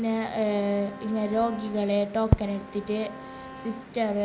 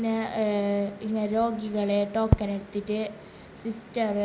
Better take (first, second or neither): second